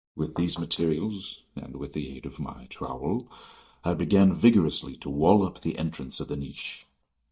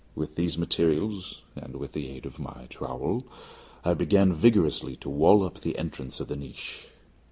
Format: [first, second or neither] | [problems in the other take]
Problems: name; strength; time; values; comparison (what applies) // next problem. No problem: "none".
second | noise reduction (neural mask model DeepFilterNet 3)